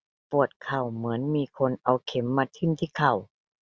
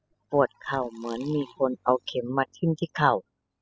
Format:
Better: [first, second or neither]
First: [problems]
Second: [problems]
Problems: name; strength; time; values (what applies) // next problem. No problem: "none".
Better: first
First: none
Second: noise reduction (classical method spectral subtraction)